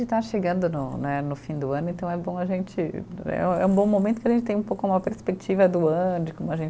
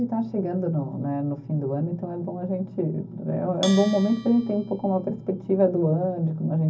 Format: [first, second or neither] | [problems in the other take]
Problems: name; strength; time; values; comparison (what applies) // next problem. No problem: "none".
first | background sound (Bell); 16 dB below the speech // room echo; dies away in 0.4 s